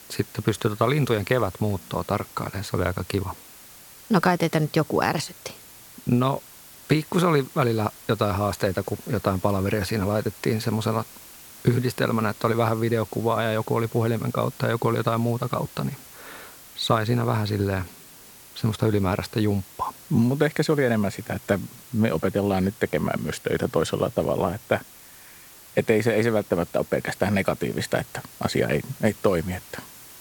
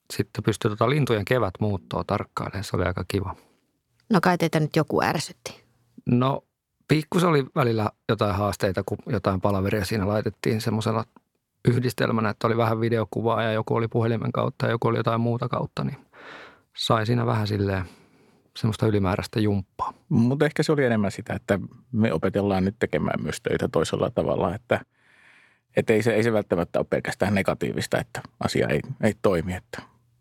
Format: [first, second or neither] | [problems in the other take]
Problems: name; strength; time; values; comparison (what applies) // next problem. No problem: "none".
second | hiss; noticeable; throughout; 20 dB below the speech